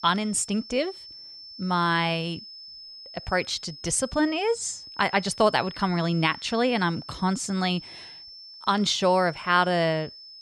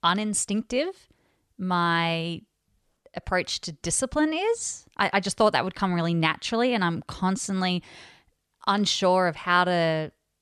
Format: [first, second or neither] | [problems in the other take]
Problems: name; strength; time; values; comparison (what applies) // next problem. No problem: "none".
second | high-pitched whine; noticeable; throughout; 5.5 kHz, 15 dB below the speech